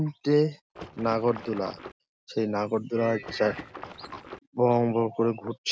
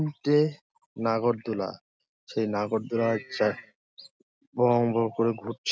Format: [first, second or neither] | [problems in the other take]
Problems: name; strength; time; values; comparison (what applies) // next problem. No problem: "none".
second | background sound (Water / Splash, splatter); 14 dB below the speech